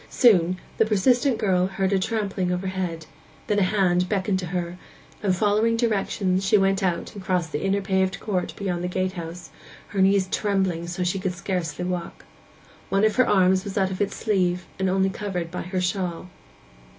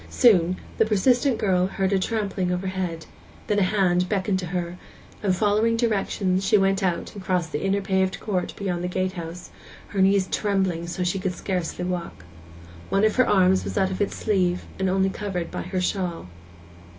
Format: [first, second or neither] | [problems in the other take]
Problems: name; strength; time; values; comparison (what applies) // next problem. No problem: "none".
first | background sound (Car passing by); 19 dB below the speech